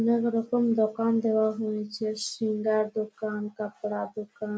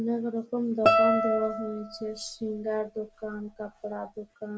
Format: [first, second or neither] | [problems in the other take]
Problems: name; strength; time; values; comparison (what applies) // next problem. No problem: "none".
first | background sound (Guitar); 2 dB above the speech